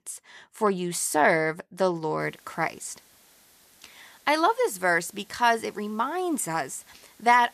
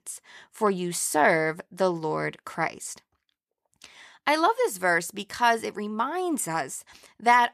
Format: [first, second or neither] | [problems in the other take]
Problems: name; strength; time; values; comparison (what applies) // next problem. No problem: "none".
second | hiss; faint; from 2 s on; 30 dB below the speech